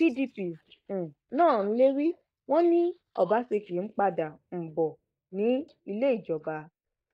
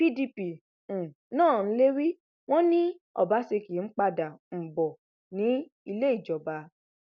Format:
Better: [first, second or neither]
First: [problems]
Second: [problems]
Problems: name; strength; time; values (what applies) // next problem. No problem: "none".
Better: second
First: noise reduction (neural mask model DeepFilterNet 3)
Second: none